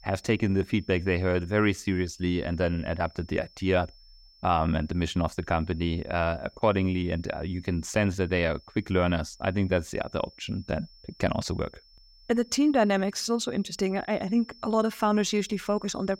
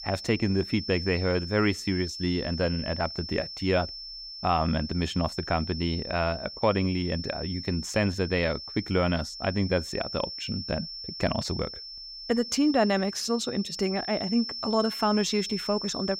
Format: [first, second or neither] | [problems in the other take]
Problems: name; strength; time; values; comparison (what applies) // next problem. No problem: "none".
first | high-pitched whine; loud; throughout; 5.5 kHz, 8 dB below the speech; faint in the first